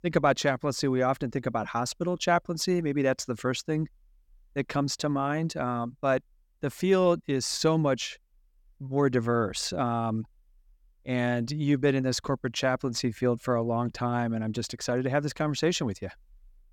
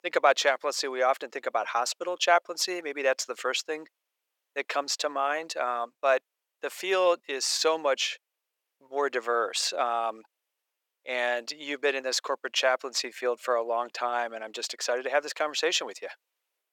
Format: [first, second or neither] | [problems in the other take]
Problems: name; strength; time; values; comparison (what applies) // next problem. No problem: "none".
first | thin; very; fading below 500 Hz